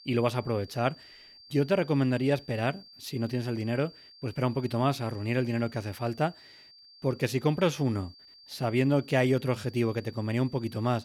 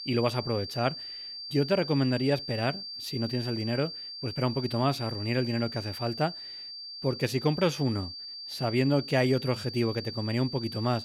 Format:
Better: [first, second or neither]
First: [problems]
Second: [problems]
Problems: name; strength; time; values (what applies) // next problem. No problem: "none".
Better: first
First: high-pitched whine; faint; throughout; 4.5 kHz, 20 dB below the speech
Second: high-pitched whine; loud; throughout; 4.5 kHz, 8 dB below the speech